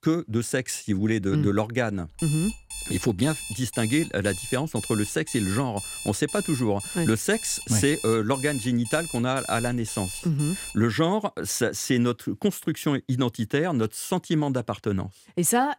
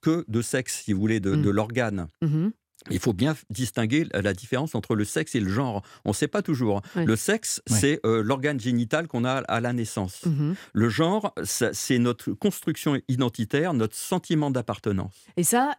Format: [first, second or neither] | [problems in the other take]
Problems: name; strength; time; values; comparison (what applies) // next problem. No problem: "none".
second | alarm; noticeable; from 2 to 11 s; peak 7 dB below the speech